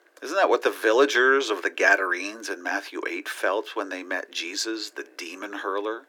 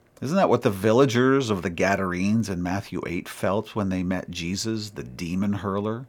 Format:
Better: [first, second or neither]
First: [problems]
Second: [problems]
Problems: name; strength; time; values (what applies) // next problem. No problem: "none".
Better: second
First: thin; very; fading below 300 Hz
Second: none